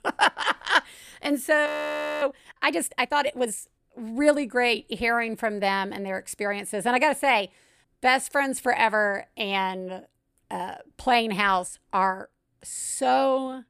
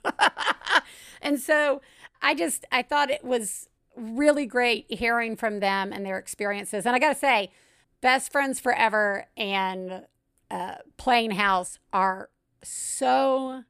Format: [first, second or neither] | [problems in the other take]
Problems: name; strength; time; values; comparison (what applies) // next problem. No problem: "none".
second | audio freezing; at 1.5 s for 0.5 s